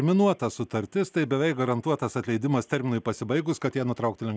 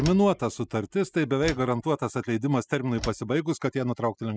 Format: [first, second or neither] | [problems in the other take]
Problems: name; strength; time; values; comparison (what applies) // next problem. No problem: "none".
first | noise reduction (classical method spectral subtraction)